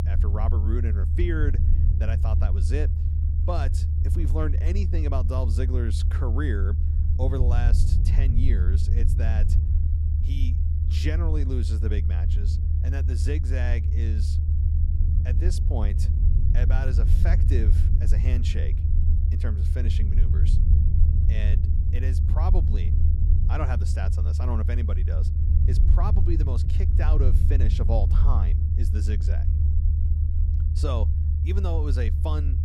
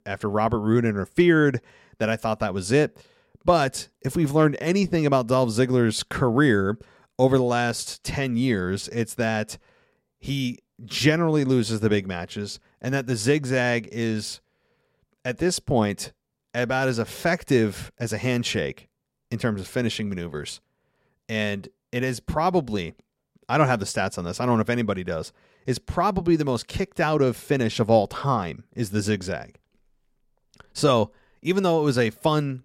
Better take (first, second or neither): second